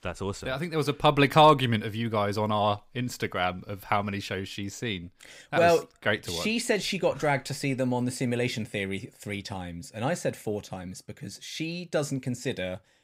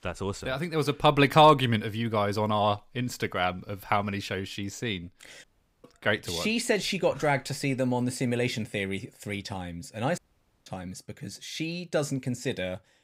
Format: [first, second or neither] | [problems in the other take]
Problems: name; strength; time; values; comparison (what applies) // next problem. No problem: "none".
first | audio cutting out; at 5.5 s and at 10 s